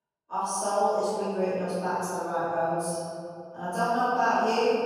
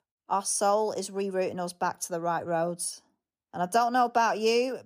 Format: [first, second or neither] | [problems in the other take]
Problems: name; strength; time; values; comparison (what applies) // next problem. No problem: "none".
second | room echo; strong; dies away in 2.4 s // off-mic speech; far